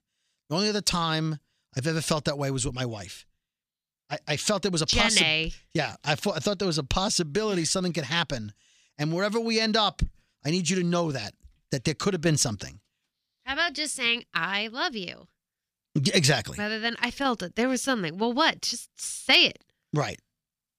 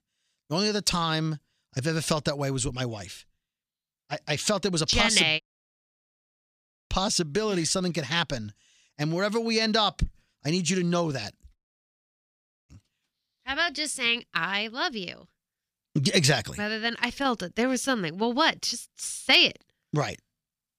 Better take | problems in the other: first | audio cutting out; at 5.5 s for 1.5 s and at 12 s for 1 s

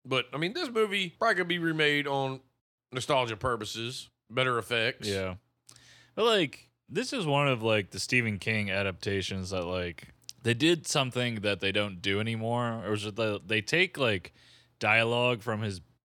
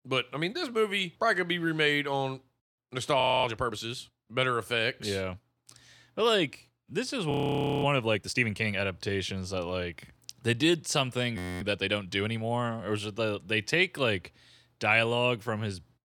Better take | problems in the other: first | audio freezing; at 3 s, at 7.5 s for 0.5 s and at 11 s

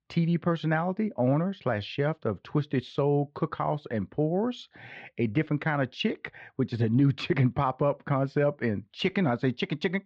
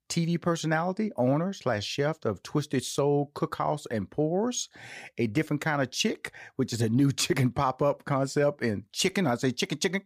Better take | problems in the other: second | muffled; slightly; fading above 3.5 kHz

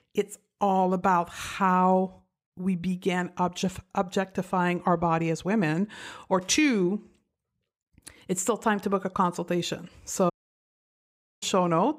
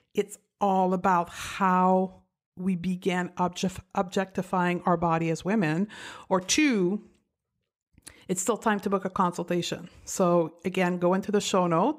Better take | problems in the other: second | audio cutting out; at 10 s for 1 s

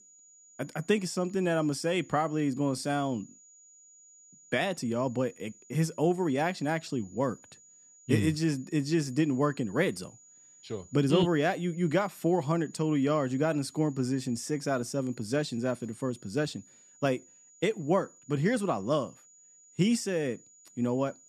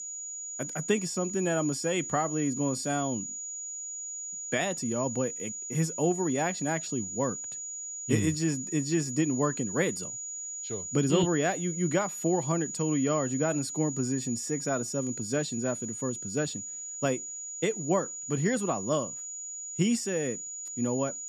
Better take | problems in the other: first | high-pitched whine; loud; throughout; 7 kHz, 5 dB below the speech; faint in the first

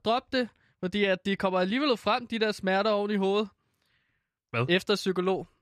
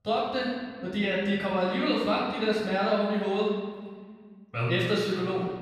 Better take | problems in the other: first | off-mic speech; far // room echo; noticeable; dies away in 1.9 s

